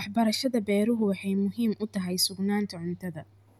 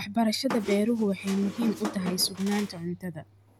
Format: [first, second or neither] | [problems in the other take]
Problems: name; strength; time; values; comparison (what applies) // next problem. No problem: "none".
first | background sound (Squeak); 8 dB below the speech